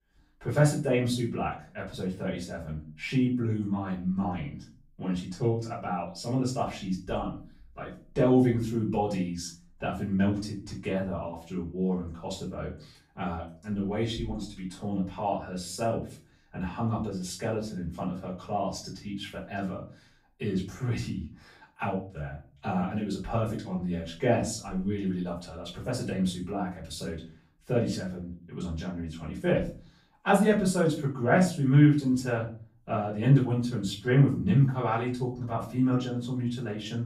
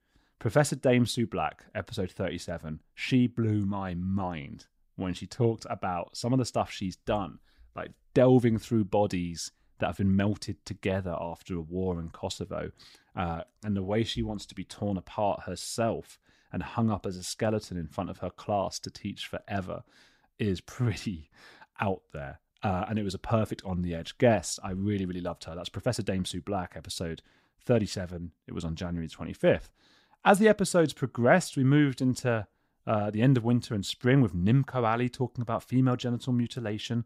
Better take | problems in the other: second | off-mic speech; far // room echo; slight; dies away in 0.4 s

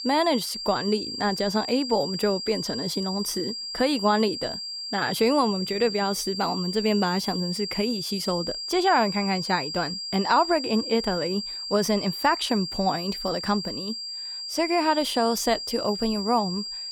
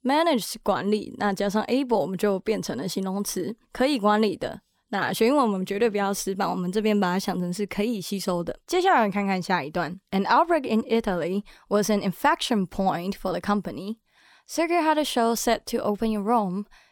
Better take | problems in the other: second | high-pitched whine; loud; throughout; 5 kHz, 5 dB below the speech

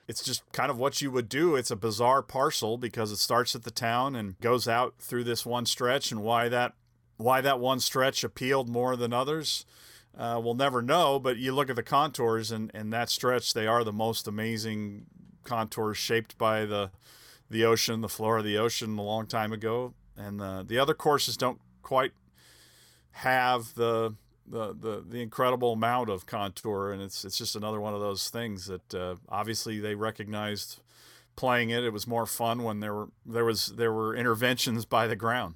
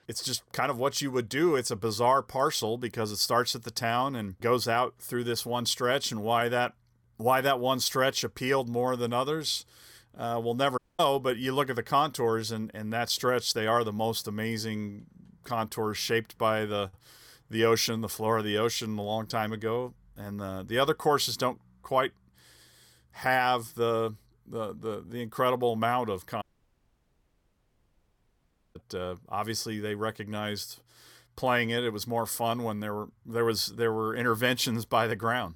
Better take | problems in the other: first | audio cutting out; at 11 s and at 26 s for 2.5 s

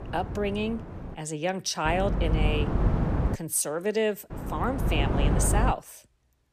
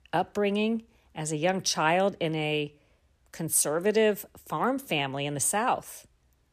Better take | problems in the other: second | wind noise on the microphone; heavy; until 1 s, from 2 to 3.5 s and from 4.5 to 5.5 s; 6 dB below the speech

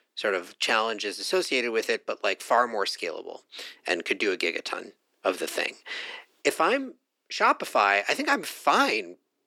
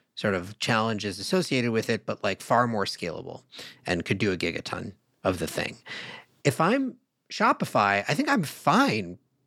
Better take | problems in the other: second | thin; somewhat; fading below 350 Hz

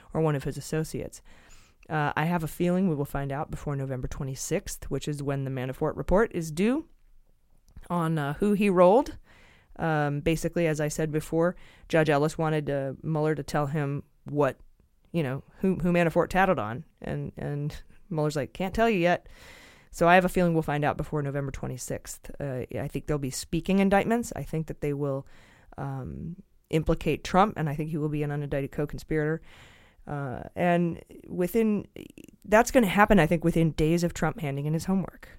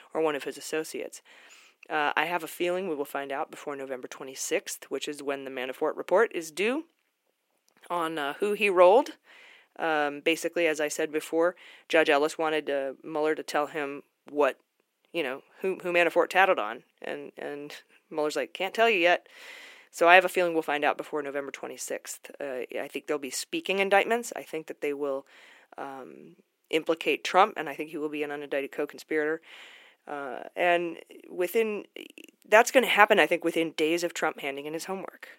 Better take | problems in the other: first | thin; somewhat; fading below 300 Hz

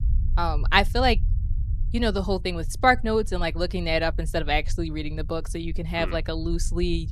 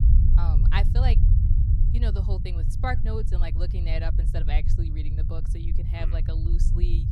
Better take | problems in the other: first | low rumble; loud; throughout; 5 dB below the speech; faint in the first

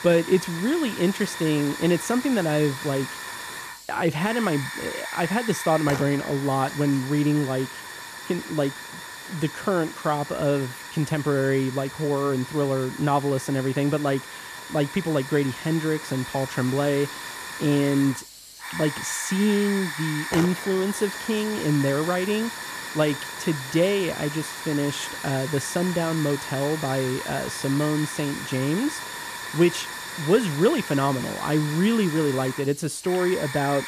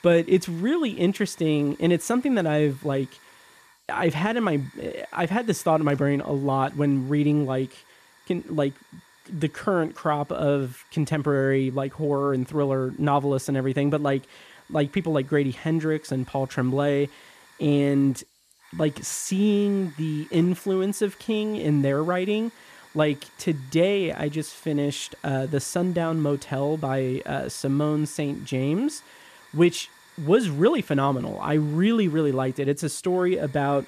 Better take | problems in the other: second | hiss; loud; throughout; 8 dB below the speech; faint in the second

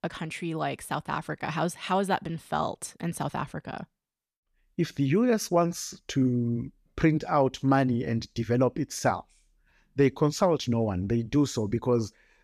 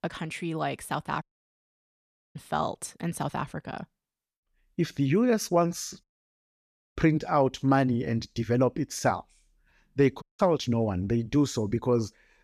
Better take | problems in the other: first | audio cutting out; at 1 s for 1 s, at 6 s for 1 s and at 10 s

